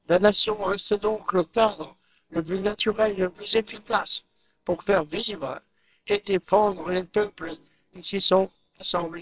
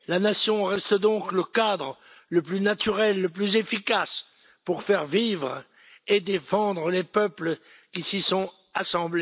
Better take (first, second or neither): second